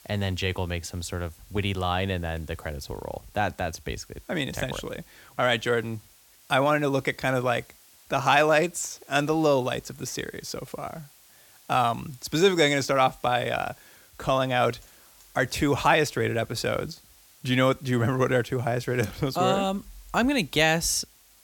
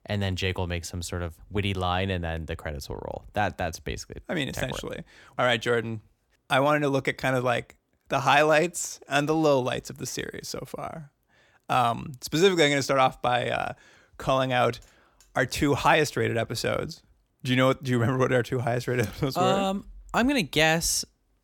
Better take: second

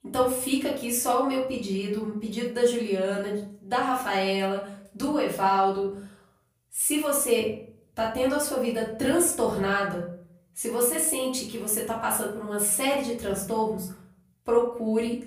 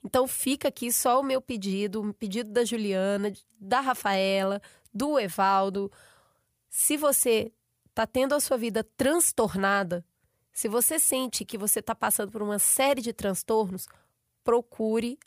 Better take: second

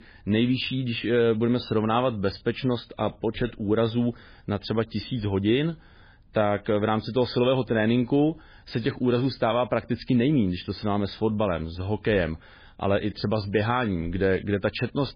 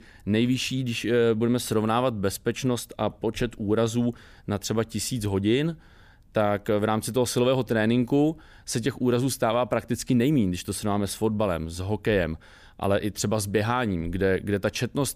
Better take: second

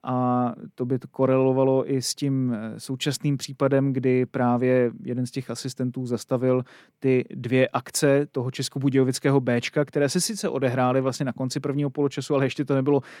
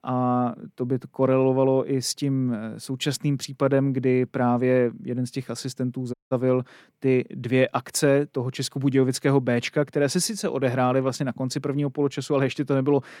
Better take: first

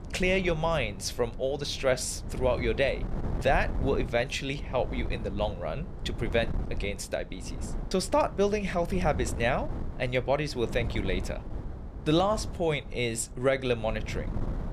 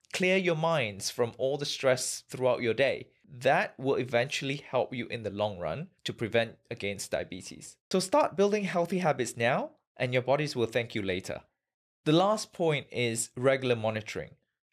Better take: second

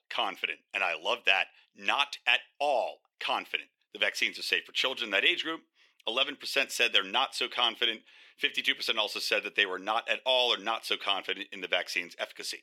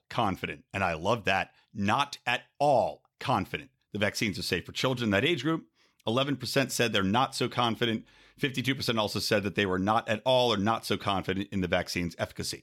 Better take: second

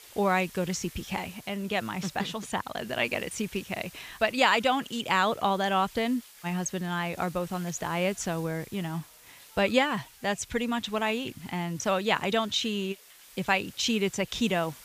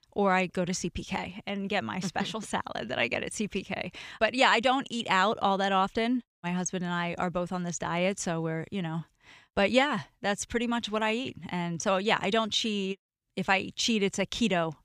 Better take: second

